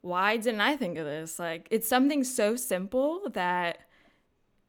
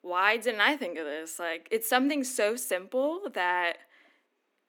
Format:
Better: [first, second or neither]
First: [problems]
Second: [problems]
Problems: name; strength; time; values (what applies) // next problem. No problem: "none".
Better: first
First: none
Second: thin; very slightly; fading below 250 Hz